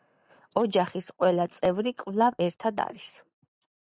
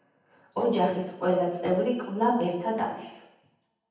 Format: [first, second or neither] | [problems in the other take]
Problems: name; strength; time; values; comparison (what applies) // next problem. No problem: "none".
first | room echo; dies away in 0.8 s